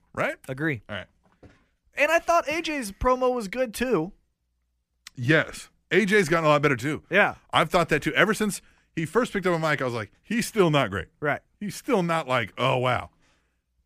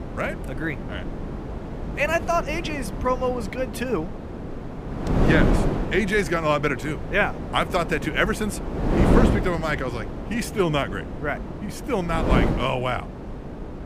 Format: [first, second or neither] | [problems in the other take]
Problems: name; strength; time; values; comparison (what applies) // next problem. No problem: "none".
first | wind noise on the microphone; heavy; 7 dB below the speech